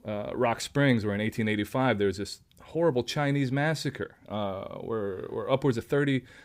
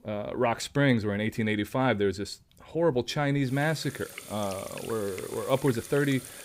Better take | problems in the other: first | household noises; noticeable; throughout; 15 dB below the speech

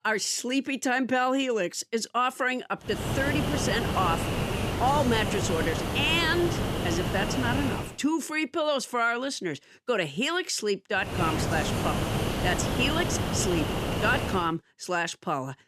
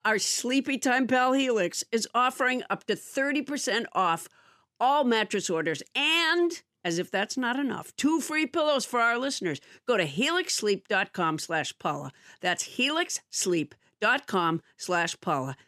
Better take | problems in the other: second | hiss; loud; from 3 to 8 s and from 11 to 14 s; 1 dB below the speech

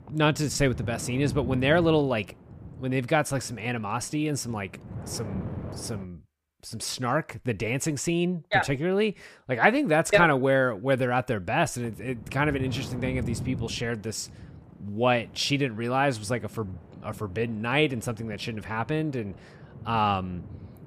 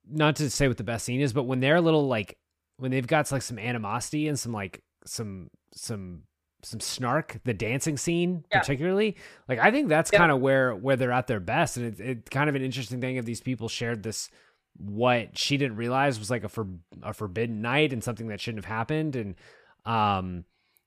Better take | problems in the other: second | wind noise on the microphone; occasional gusts; until 6 s and from 12 s on; 20 dB below the speech

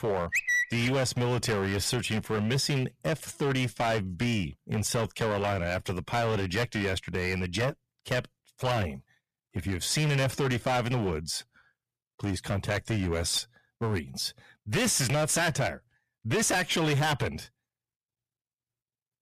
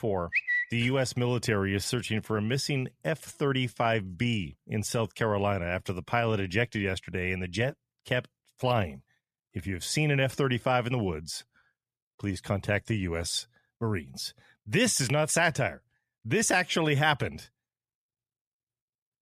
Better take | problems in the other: second | distortion; heavy; 13% of the sound clipped

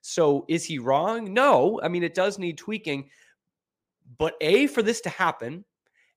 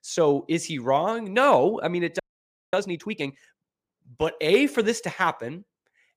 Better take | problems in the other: first | audio freezing; at 2 s for 0.5 s

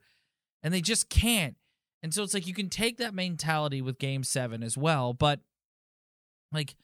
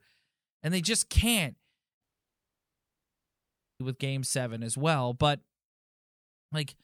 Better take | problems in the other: first | audio cutting out; at 2 s for 2 s

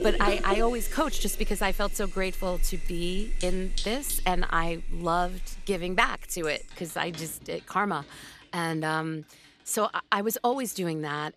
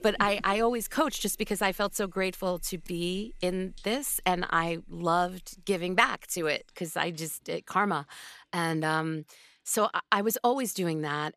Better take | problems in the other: second | household noises; loud; throughout; 9 dB below the speech; faint in the second

